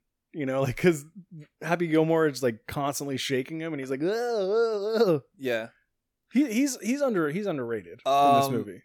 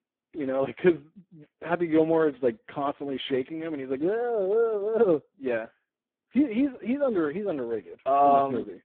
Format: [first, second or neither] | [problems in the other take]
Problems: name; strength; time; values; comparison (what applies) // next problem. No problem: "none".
first | phone-call audio; poor line